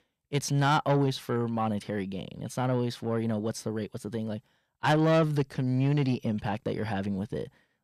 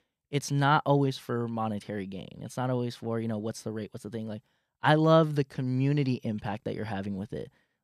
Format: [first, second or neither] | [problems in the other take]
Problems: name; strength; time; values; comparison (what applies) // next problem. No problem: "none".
second | distortion; slight; 10 dB below the speech